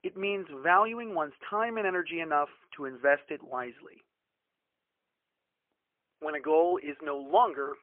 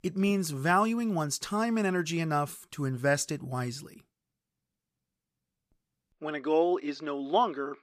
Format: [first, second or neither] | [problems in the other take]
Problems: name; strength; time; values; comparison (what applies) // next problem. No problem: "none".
second | phone-call audio; poor line; nothing above 3 kHz